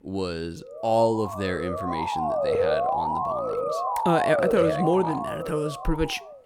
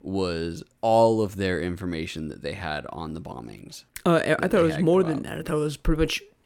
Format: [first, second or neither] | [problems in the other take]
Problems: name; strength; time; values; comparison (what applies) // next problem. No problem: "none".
second | siren; loud; from 1 s on; peak 4 dB above the speech